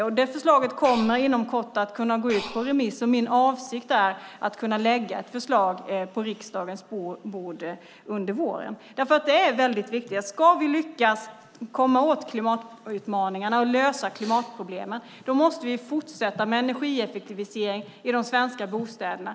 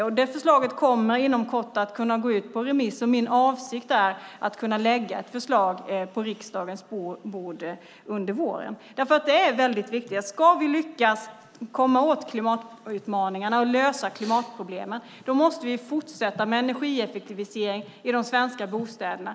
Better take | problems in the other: second | background sound (Breathing); 12 dB below the speech

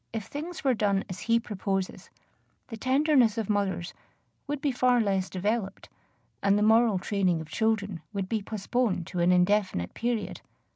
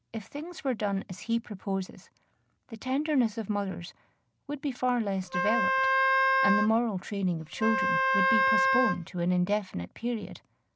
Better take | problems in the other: first | background sound (Wind instrument, woodwind instrument); 5 dB above the speech

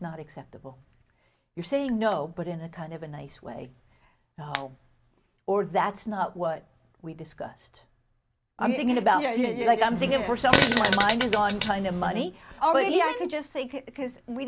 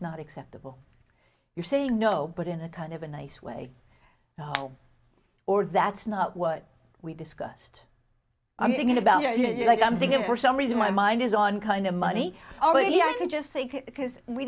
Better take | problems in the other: second | background sound (Fart); as loud as the speech

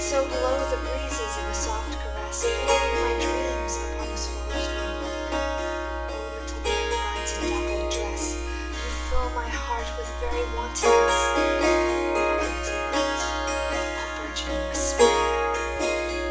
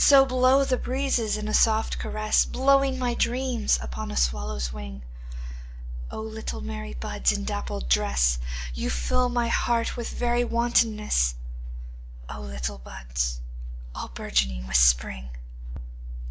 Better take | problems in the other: second | background sound (Harp); 4 dB above the speech // room echo; dies away in 1.3 s

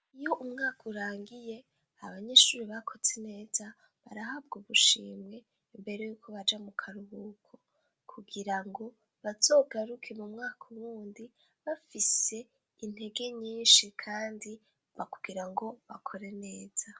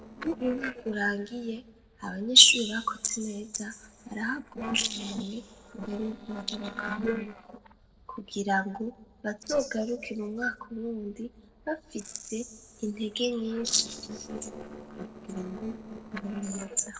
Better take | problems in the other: first | noise reduction (neural separator model SepFormer DNS4)

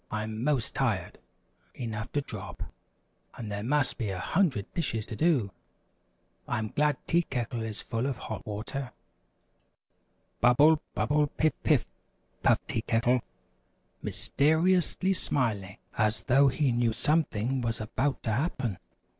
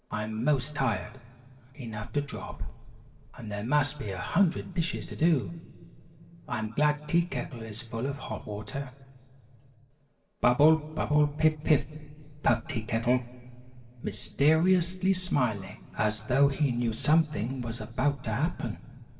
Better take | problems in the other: first | room echo; dies away in 2.3 s

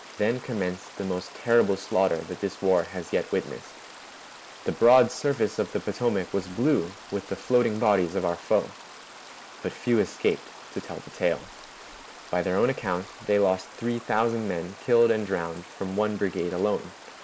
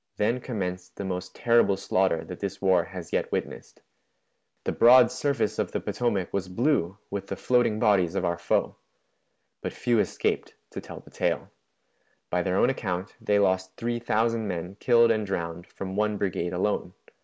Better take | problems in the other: second | background sound (Stream); 18 dB below the speech

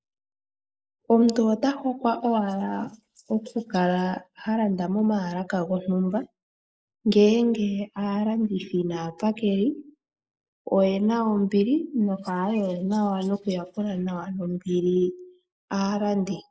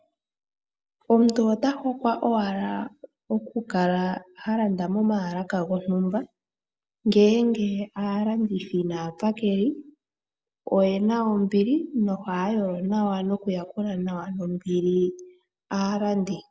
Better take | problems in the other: second | noise reduction (neural mask model Resemble Enhance denoiser)

